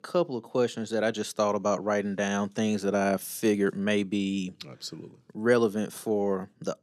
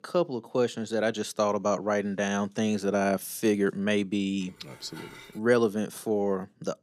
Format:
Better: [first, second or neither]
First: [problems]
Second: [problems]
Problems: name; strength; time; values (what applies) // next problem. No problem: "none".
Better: first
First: none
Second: clattering dishes; faint; at 4.5 s; peak 15 dB below the speech